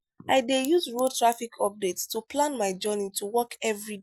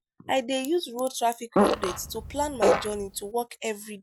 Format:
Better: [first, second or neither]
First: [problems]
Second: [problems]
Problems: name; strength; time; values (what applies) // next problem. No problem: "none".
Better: first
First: none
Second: background sound (Fart); 4 dB above the speech